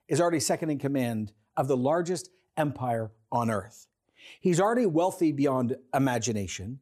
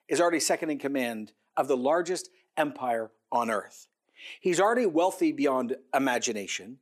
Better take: first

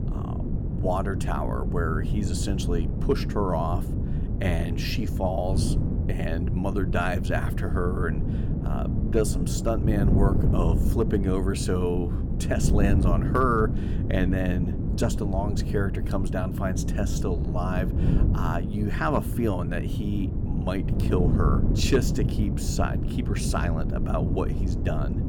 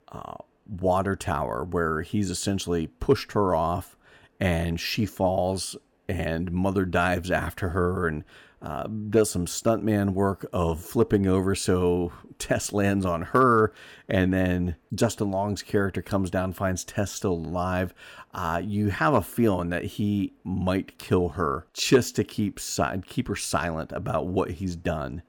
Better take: second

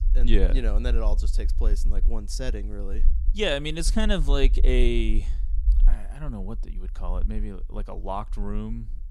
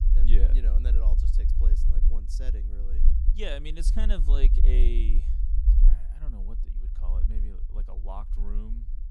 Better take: first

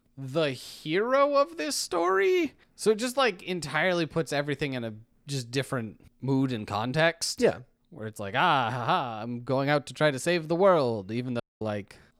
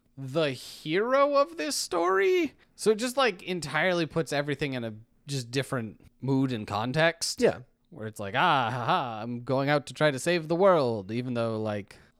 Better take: second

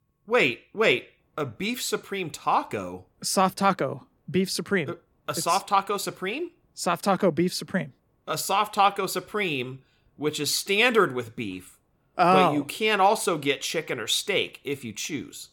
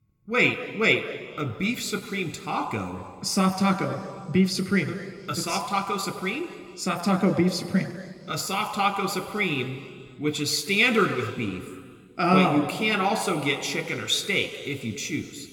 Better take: first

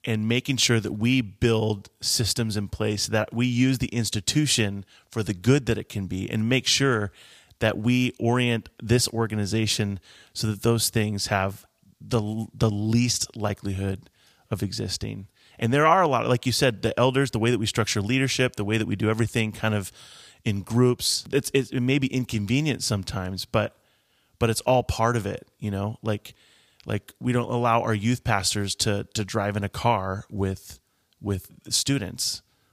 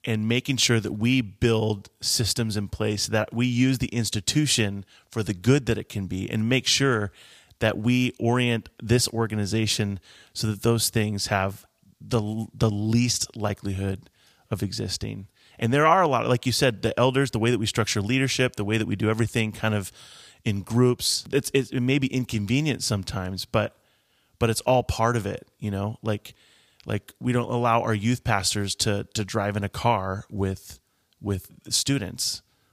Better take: neither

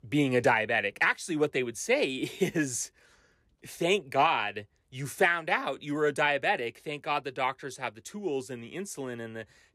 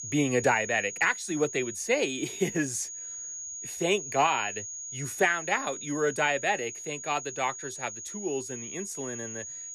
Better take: first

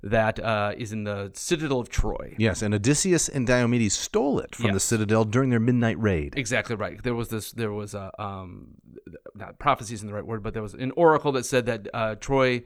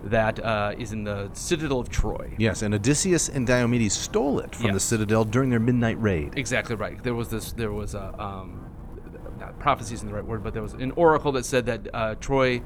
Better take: first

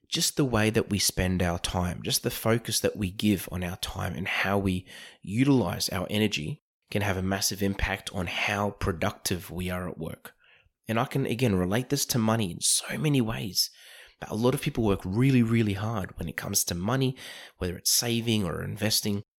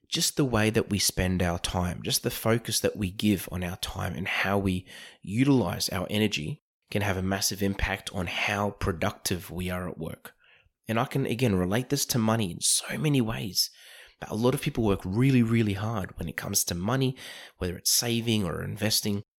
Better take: neither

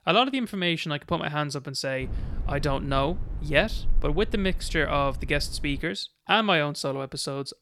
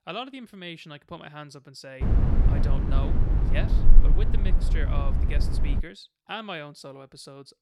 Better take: first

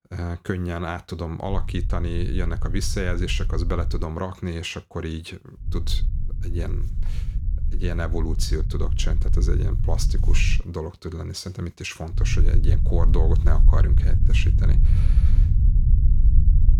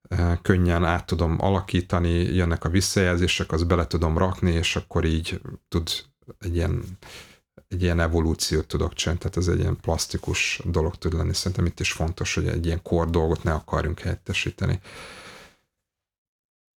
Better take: second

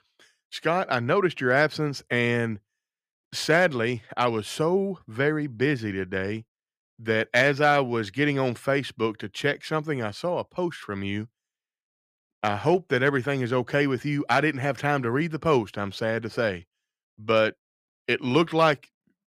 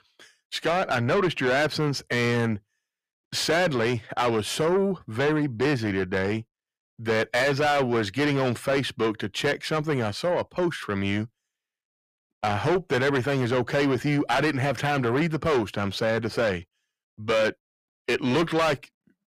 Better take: first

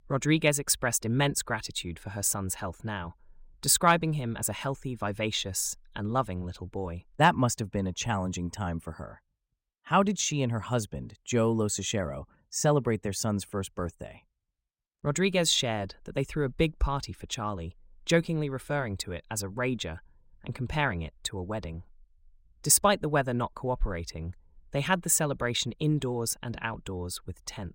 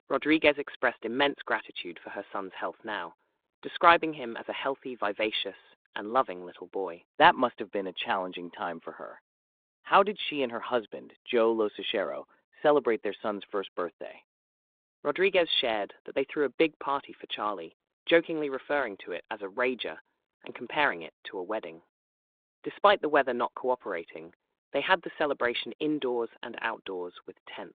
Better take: first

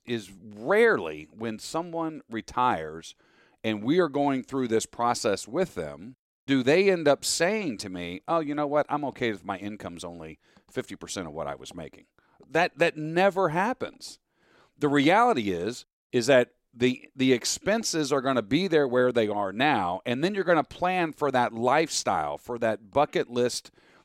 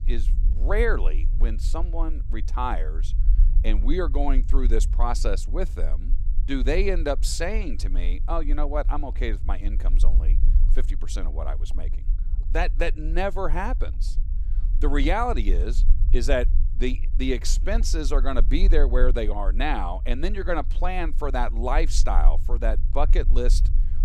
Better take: first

